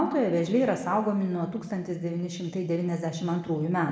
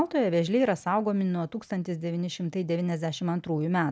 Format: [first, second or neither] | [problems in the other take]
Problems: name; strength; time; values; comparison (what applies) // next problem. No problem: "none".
second | room echo; dies away in 1 s